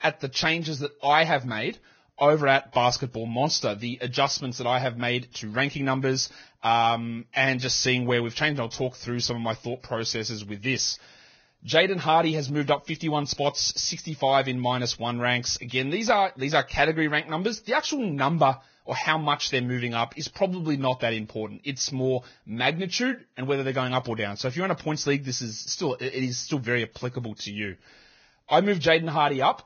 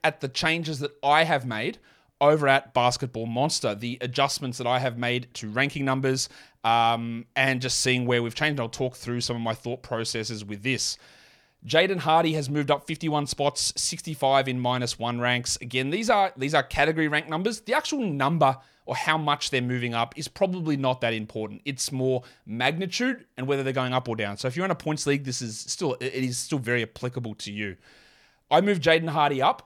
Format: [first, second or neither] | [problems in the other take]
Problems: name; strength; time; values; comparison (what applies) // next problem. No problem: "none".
second | garbled, watery; badly; nothing above 6.5 kHz